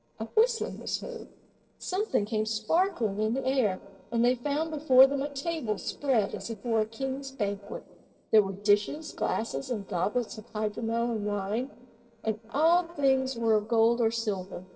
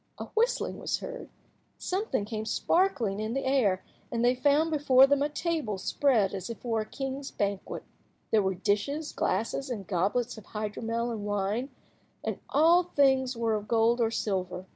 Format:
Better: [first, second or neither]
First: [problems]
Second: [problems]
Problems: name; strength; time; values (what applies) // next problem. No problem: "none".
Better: second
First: noise reduction (neural separator model SepFormer DNS4)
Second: none